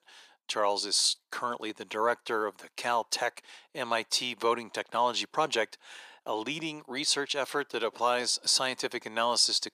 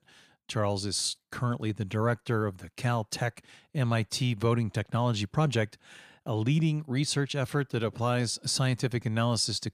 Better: second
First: thin; very; fading below 400 Hz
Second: none

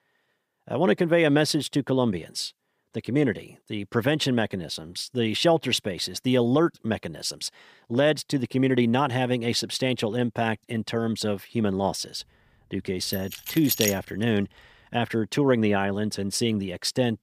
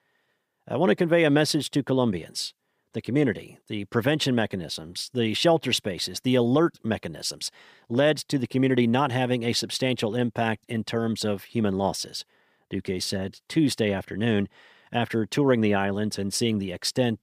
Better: second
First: jangling keys; noticeable; at 13 s; peak level with the speech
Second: none

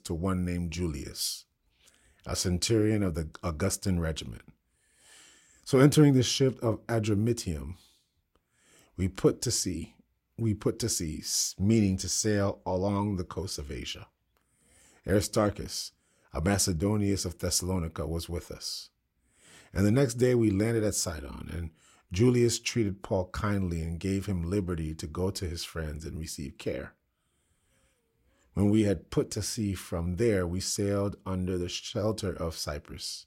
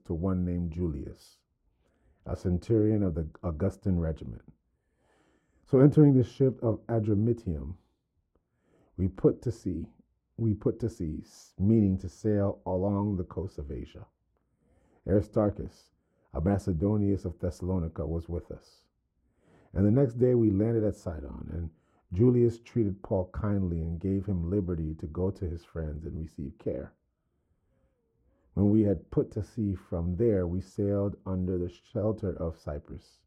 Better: first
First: none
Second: muffled; very; fading above 1.5 kHz

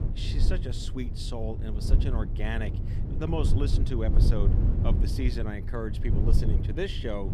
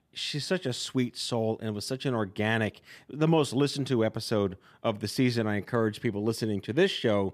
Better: second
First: low rumble; loud; throughout; 5 dB below the speech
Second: none

